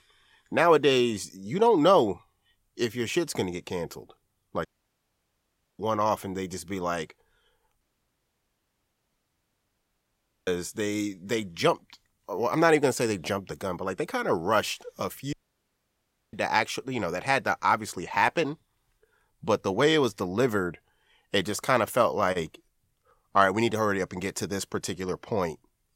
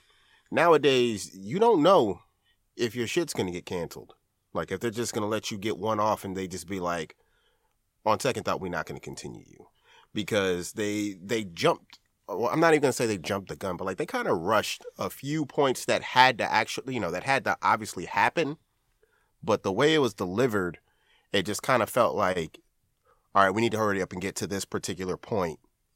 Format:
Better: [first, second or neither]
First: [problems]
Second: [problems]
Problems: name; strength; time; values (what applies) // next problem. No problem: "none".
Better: second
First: audio cutting out; at 4.5 s for 1 s, at 8 s for 2.5 s and at 15 s for 1 s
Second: none